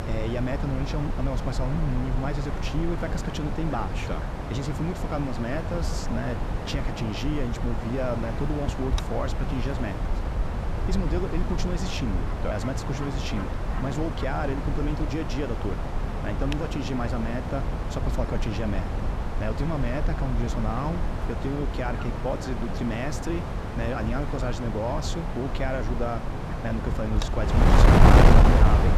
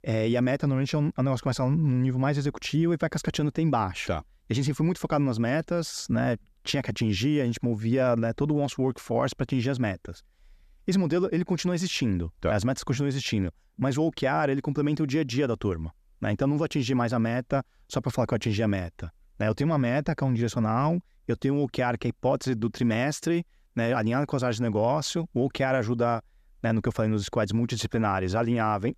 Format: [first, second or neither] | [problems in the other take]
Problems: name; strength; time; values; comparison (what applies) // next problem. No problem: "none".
second | wind noise on the microphone; heavy; 1 dB above the speech